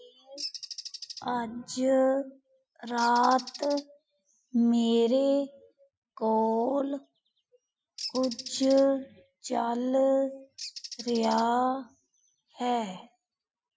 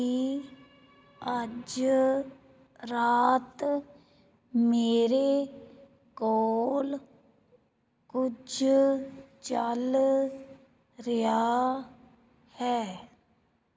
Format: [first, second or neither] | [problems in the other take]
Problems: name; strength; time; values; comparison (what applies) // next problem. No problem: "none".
second | noise reduction (classical method Wiener filter)